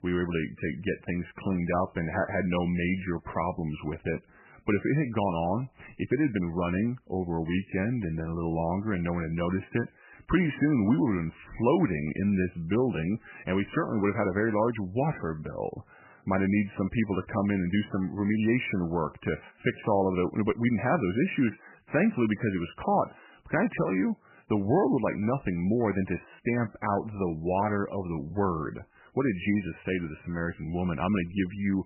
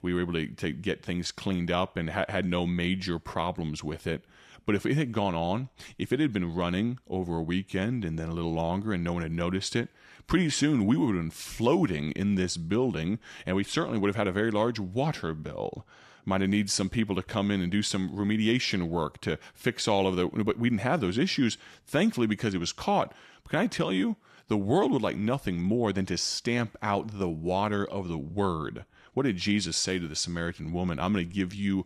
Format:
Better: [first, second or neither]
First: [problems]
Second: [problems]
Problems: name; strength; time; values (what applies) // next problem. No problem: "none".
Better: second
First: garbled, watery; badly; nothing above 3 kHz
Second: none